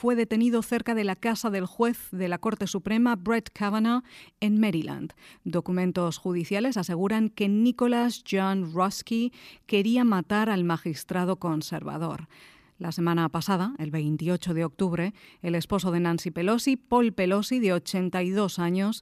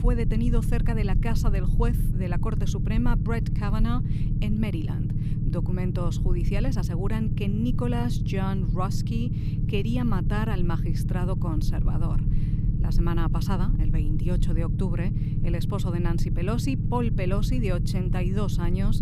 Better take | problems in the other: first | low rumble; loud; throughout; 4 dB below the speech

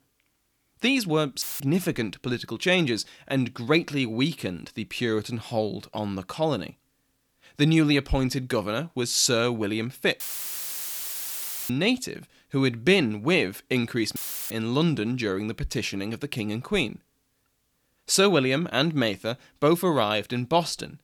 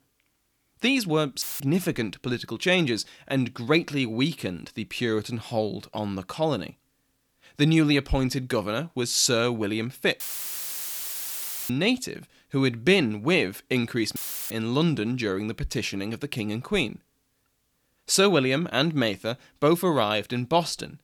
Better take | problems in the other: neither | audio cutting out; filled with static; at 1.5 s, at 10 s for 1.5 s and at 14 s; the same in both

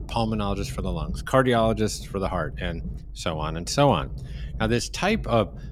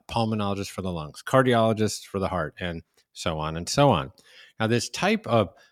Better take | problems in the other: second | low rumble; faint; throughout; 25 dB below the speech

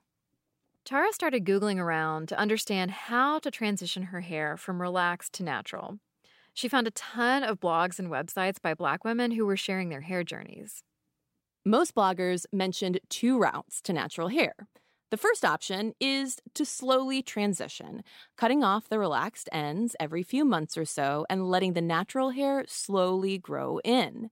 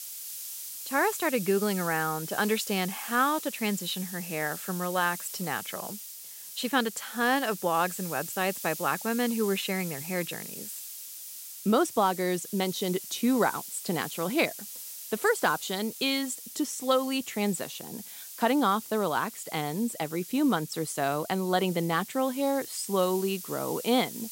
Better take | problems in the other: first | hiss; loud; throughout; 10 dB below the speech

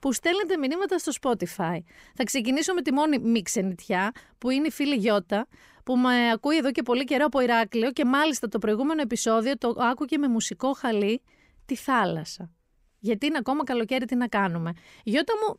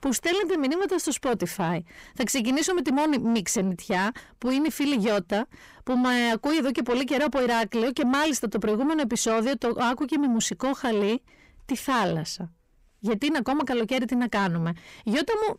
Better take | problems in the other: first | distortion; slight; 10 dB below the speech

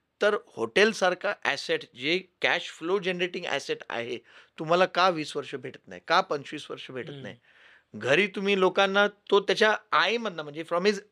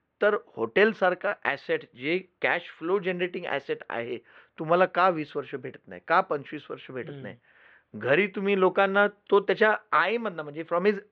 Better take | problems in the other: first | muffled; very; fading above 2.5 kHz

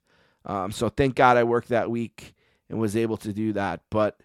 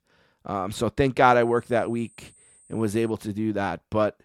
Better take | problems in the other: first | high-pitched whine; faint; from 1.5 to 3 s; 8.5 kHz, 30 dB below the speech

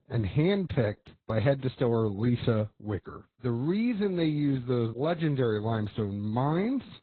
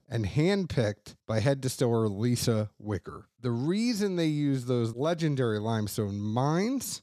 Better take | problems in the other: second | garbled, watery; badly; nothing above 4 kHz

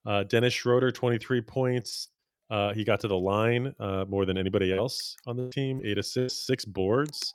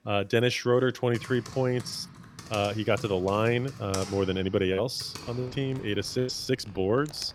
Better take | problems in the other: first | household noises; noticeable; throughout; 15 dB below the speech

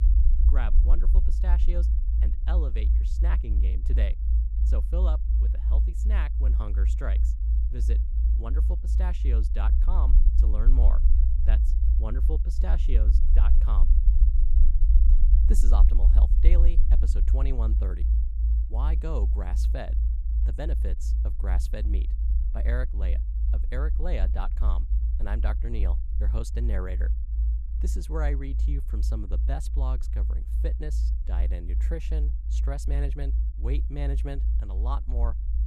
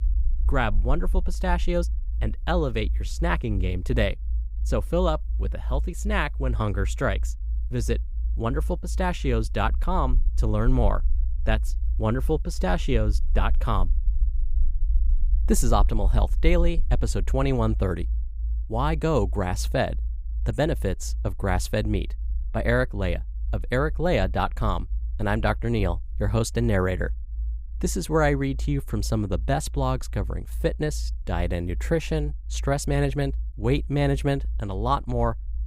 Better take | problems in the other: second | low rumble; loud; throughout; 5 dB below the speech; faint in the second

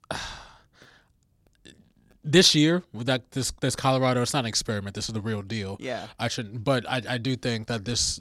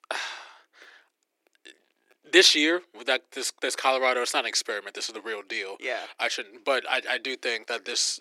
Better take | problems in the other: first | thin; very; fading below 350 Hz

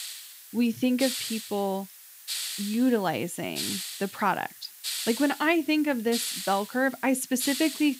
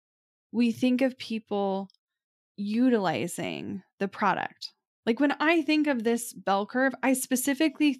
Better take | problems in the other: second | hiss; loud; throughout; 6 dB below the speech

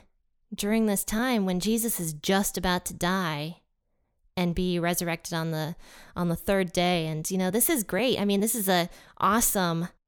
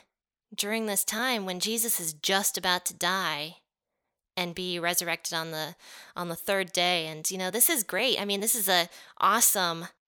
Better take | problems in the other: first | thin; somewhat; fading below 800 Hz

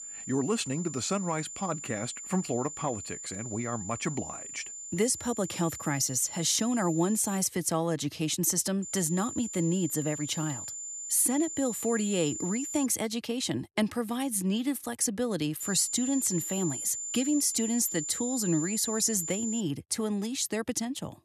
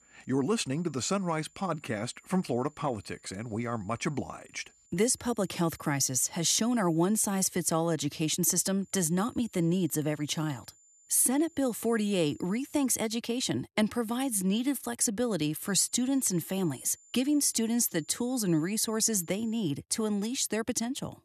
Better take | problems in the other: second | high-pitched whine; loud; until 7.5 s, from 9 to 13 s and from 16 to 20 s; 7 kHz, 7 dB below the speech; faint in the second

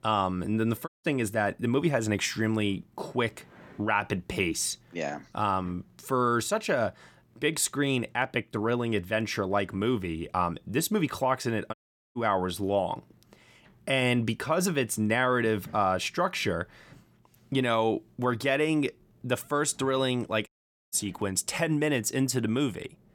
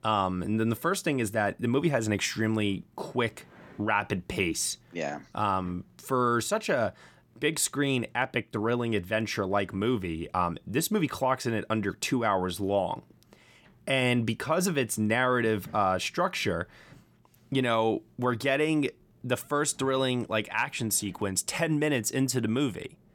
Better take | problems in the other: second | audio cutting out; at 1 s, at 12 s and at 20 s

